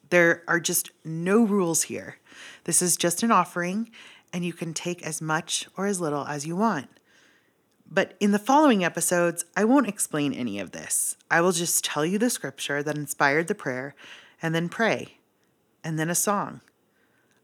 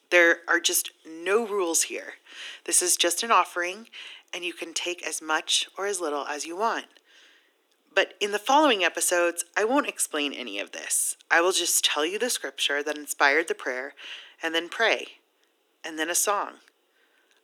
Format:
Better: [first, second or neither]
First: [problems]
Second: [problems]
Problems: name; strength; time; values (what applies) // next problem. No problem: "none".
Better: first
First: none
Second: thin; somewhat; fading below 300 Hz